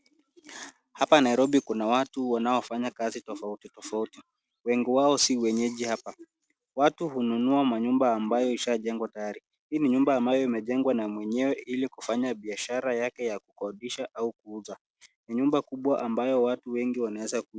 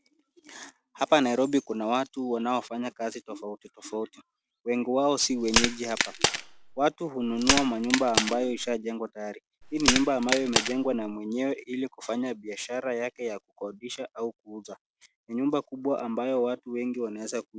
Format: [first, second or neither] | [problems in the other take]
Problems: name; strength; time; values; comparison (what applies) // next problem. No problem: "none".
first | background sound (Crack); 1 dB above the speech